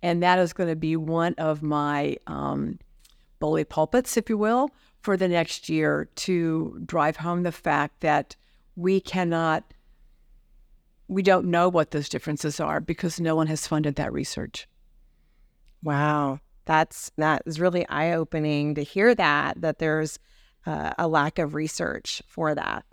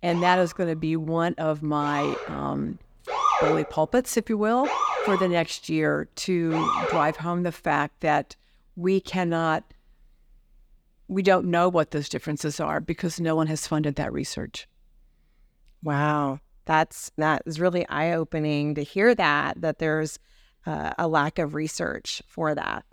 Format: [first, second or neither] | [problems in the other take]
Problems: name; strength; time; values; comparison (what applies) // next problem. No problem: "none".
first | siren; loud; until 7 s; peak 3 dB above the speech